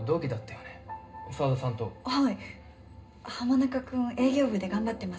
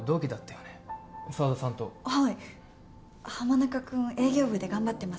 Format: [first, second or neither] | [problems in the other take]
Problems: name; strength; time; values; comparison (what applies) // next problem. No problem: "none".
second | room echo; dies away in 0.2 s